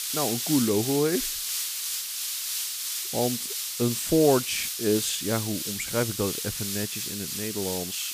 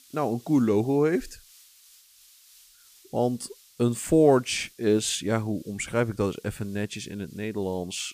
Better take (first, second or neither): second